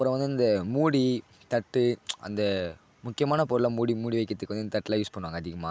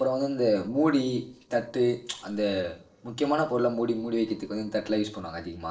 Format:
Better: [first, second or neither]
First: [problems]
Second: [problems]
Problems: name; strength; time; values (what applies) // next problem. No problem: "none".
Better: first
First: none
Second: noise reduction (neural separator model SepFormer DNS4)